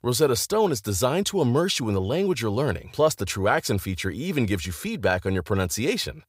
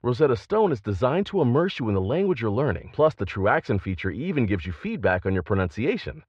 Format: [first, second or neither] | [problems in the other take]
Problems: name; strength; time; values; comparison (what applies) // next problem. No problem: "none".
first | muffled; very; fading above 2.5 kHz